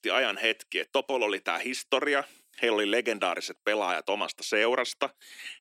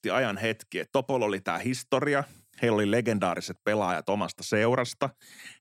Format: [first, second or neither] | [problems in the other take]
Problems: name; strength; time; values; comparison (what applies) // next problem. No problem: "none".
second | thin; somewhat; fading below 300 Hz